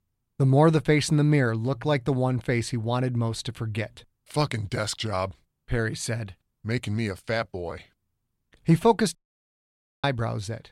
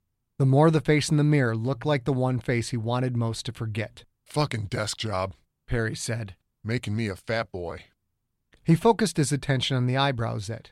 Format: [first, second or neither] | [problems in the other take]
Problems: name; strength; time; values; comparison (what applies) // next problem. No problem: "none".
second | audio cutting out; at 9 s for 1 s